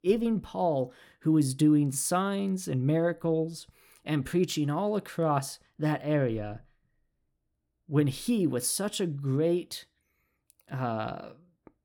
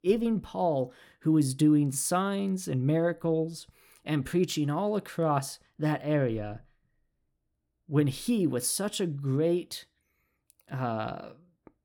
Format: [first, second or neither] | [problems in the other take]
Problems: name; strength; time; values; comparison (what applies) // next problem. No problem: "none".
neither | none